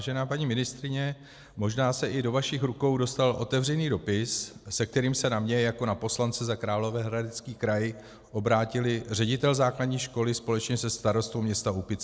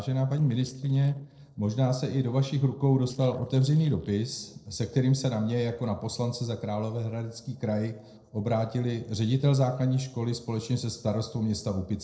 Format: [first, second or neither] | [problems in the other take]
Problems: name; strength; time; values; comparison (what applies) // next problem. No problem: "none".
first | noise reduction (neural separator model SepFormer DNS4)